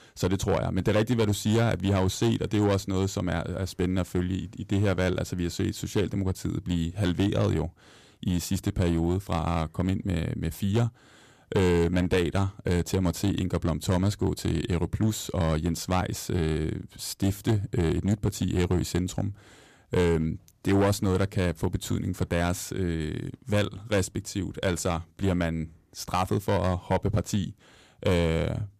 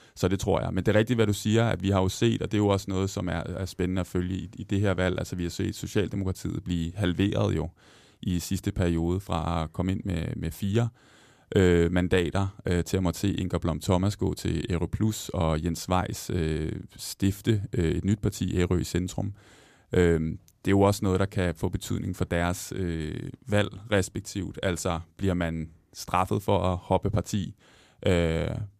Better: second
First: distortion; slight; 5% of the sound clipped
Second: none

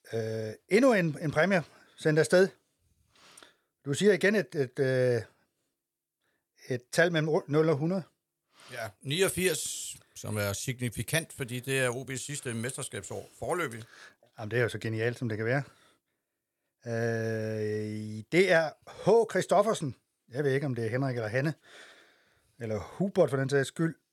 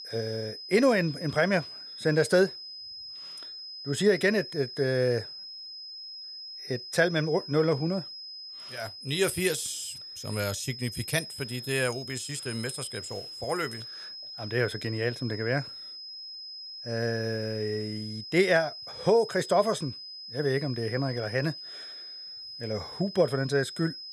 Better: first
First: none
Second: high-pitched whine; noticeable; throughout; 5 kHz, 10 dB below the speech

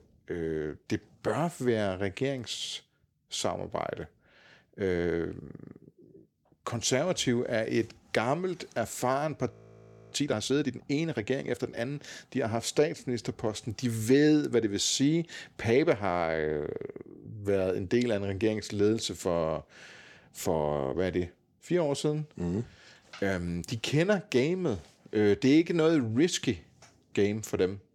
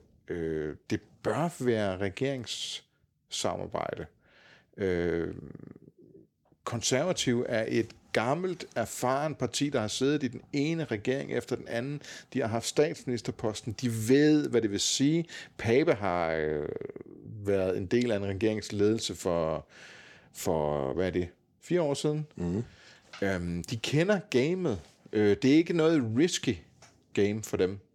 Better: second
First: audio freezing; at 9.5 s for 0.5 s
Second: none

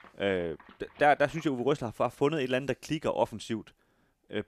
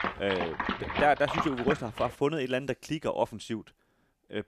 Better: first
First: animal sounds; faint; until 2 s; 25 dB below the speech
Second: animal sounds; loud; until 2 s; 3 dB below the speech

